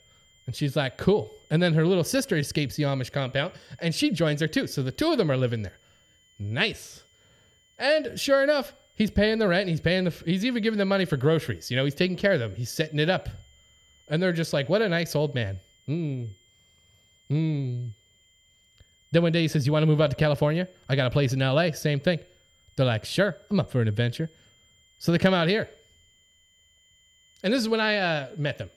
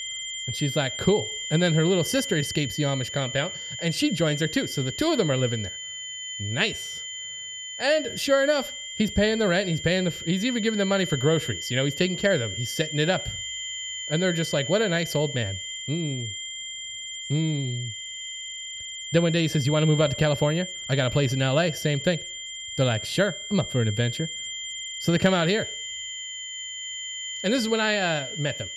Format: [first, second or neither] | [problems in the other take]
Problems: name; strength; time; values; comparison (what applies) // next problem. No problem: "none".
first | high-pitched whine; loud; throughout; 3 kHz, 7 dB below the speech; faint in the first